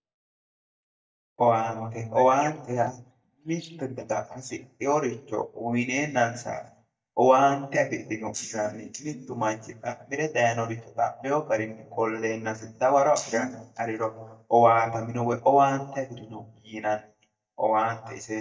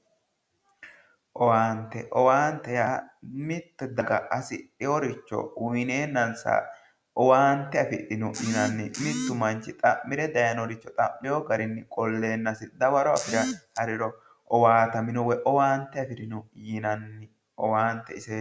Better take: second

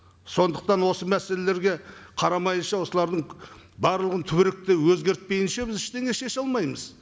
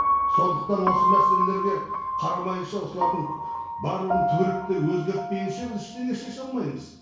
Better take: first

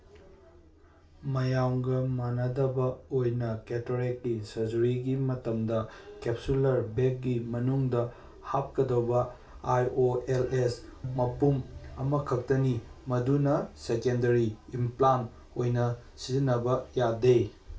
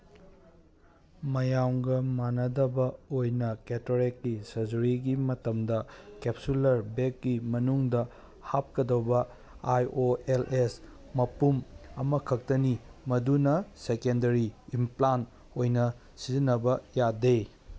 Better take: second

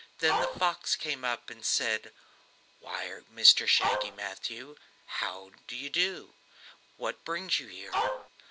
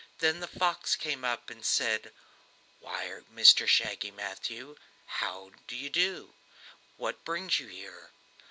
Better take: second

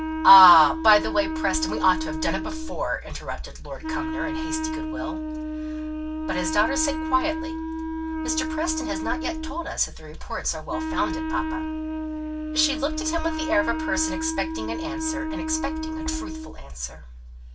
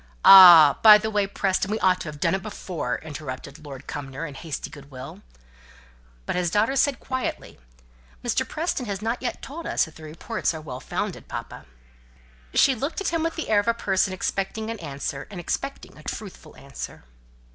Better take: second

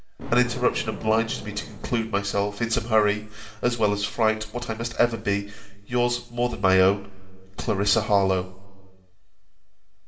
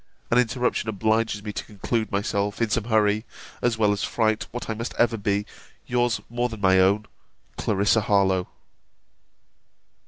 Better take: second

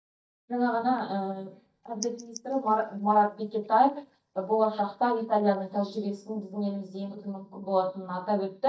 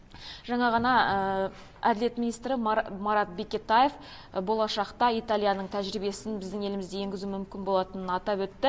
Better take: second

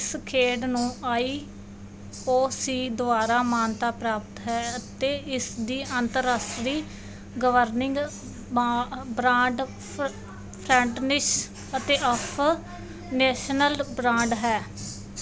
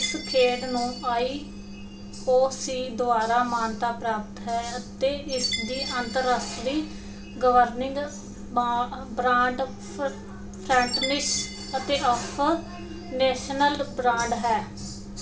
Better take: first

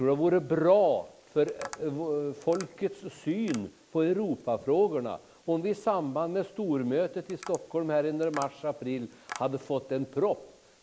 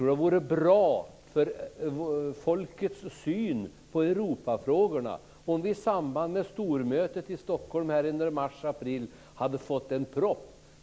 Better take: second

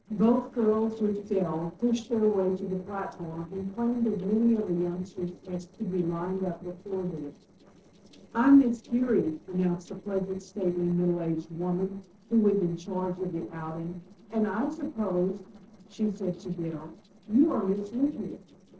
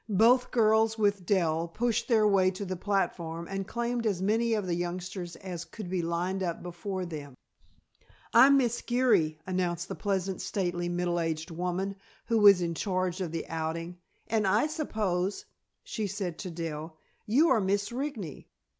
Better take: second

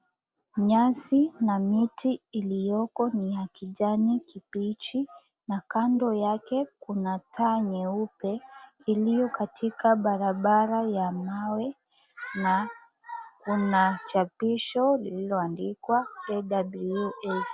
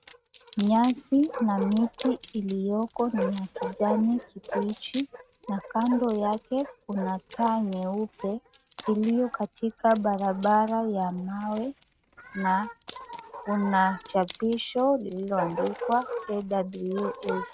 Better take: first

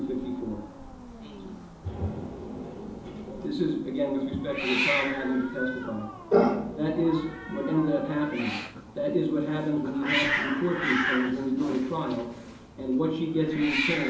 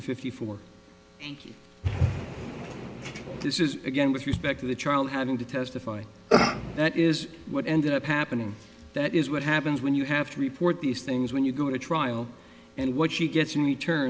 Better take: second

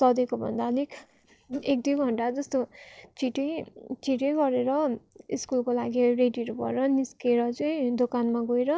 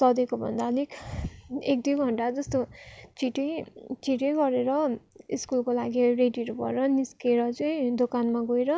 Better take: second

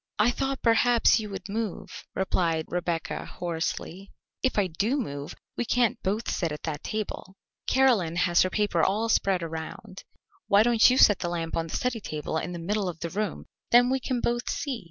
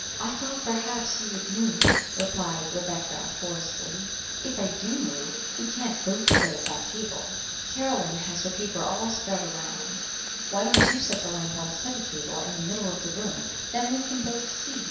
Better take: first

